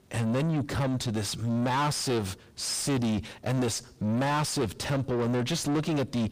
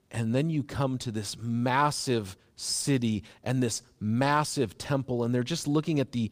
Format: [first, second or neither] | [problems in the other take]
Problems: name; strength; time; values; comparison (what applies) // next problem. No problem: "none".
second | distortion; heavy; 7 dB below the speech